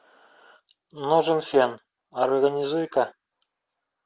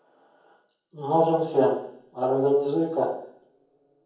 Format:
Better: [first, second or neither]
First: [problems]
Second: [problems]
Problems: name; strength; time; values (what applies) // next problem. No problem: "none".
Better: first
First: none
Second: room echo; dies away in 0.7 s